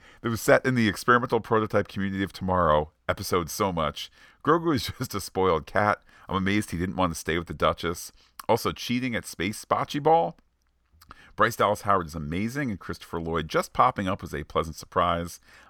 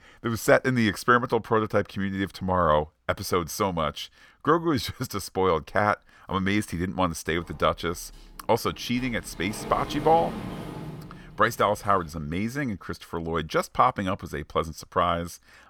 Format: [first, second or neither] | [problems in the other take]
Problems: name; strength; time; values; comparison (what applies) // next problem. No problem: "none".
first | door banging; noticeable; from 7.5 to 12 s; peak 8 dB below the speech